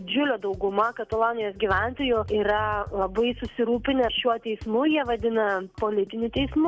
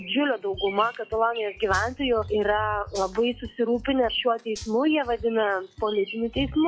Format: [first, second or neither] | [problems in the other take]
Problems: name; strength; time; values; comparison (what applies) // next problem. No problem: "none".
first | noise reduction (classical method log-MMSE)